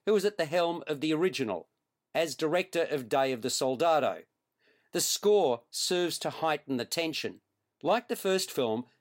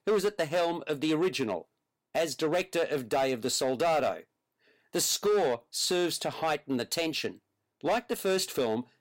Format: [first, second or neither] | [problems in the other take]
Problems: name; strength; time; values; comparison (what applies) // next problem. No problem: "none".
first | distortion; slight; 7% of the sound clipped